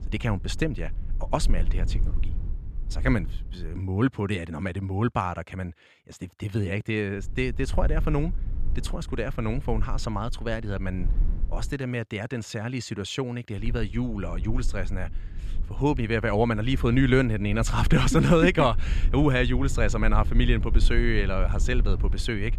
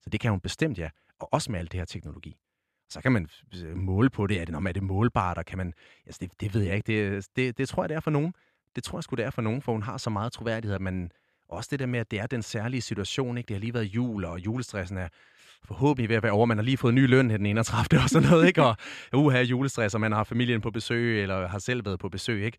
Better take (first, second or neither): second